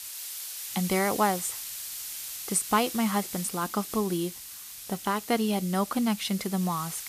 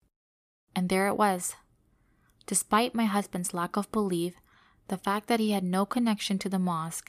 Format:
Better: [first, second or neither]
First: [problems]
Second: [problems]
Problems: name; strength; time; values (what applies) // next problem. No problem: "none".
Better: second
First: hiss; loud; throughout; 8 dB below the speech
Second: none